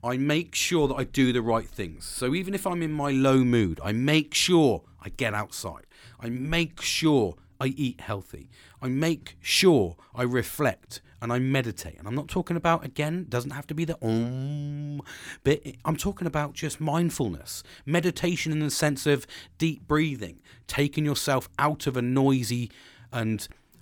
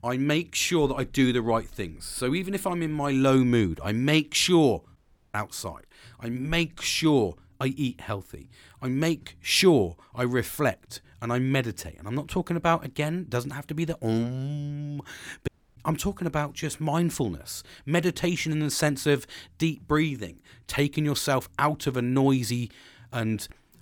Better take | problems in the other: first | audio cutting out; at 5 s and at 15 s

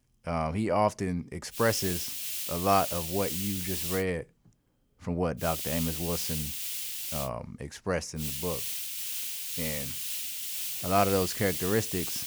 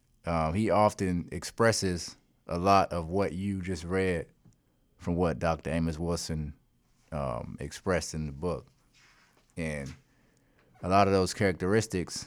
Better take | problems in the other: second | hiss; loud; from 1.5 to 4 s, from 5.5 to 7.5 s and from 8 s on; 1 dB below the speech

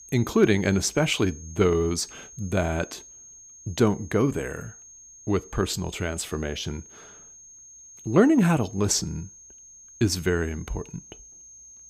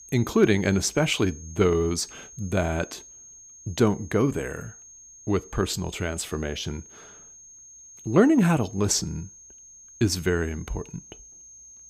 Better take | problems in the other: neither | high-pitched whine; noticeable; throughout; 6.5 kHz, 20 dB below the speech; the same in both

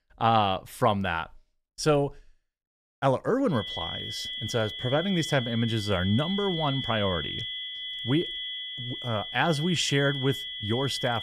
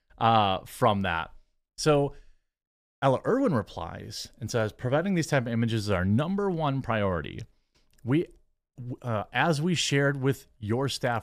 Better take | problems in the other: second | high-pitched whine; loud; from 3.5 s on; 3.5 kHz, 5 dB below the speech

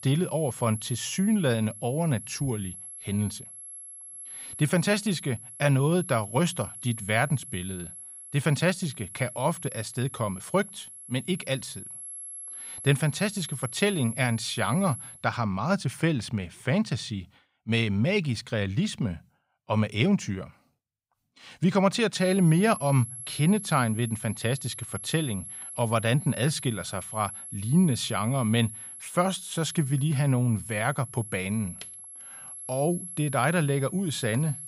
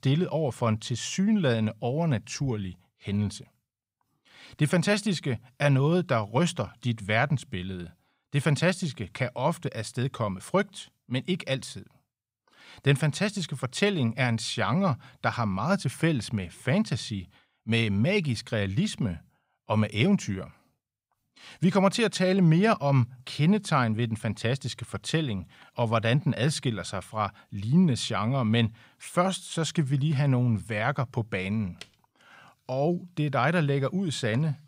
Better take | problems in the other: second | high-pitched whine; noticeable; until 15 s and from 22 s on; 11 kHz, 10 dB below the speech

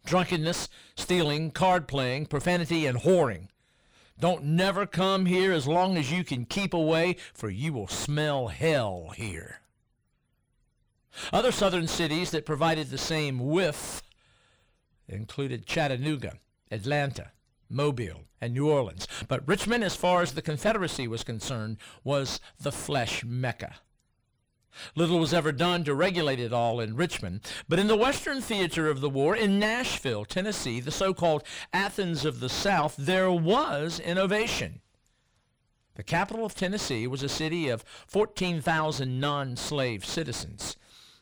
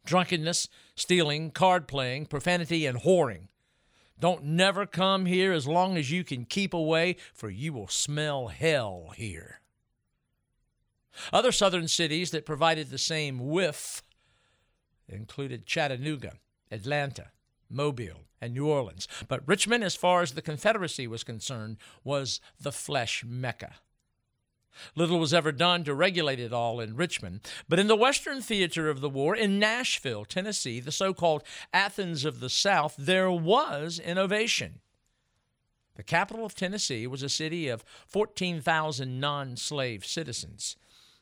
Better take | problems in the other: second | distortion; heavy; 6 dB below the speech

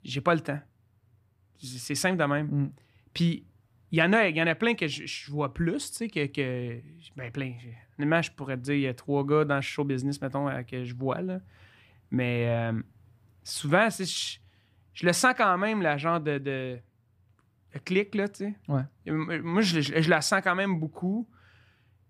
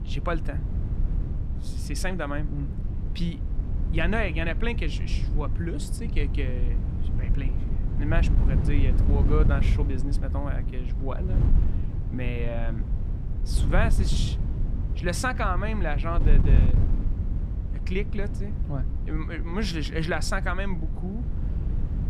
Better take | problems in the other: first | wind noise on the microphone; heavy; 9 dB below the speech

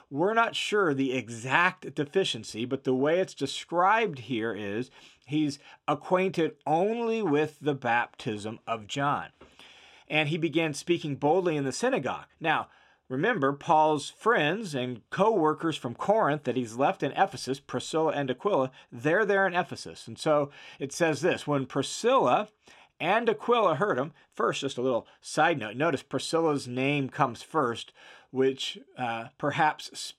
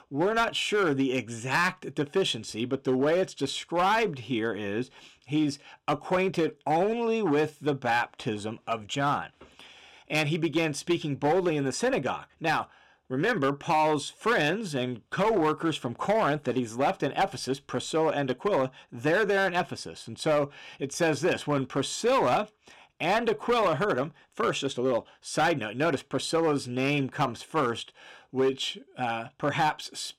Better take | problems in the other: first | distortion; slight; 6% of the sound clipped

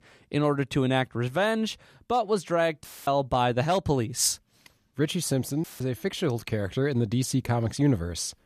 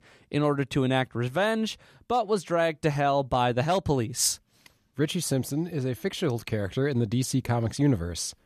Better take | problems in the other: second | audio cutting out; filled with static; at 3 s and at 5.5 s

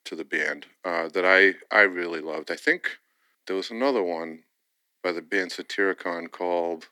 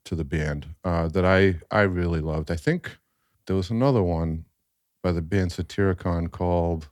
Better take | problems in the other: second | thin; somewhat; fading below 250 Hz

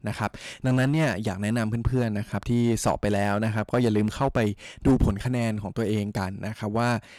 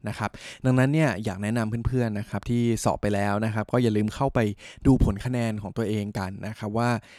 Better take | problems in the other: second | distortion; slight; 5% of the sound clipped

